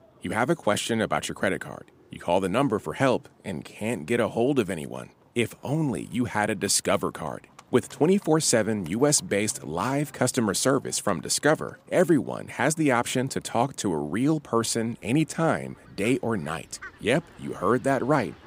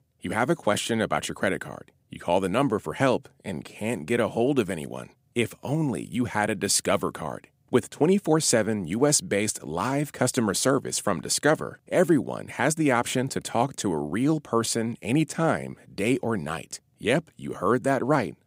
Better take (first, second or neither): second